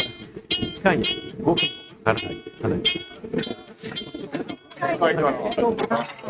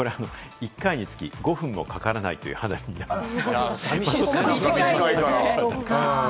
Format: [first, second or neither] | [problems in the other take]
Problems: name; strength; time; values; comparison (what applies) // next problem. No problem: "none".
second | noise reduction (neural mask model RNNoise)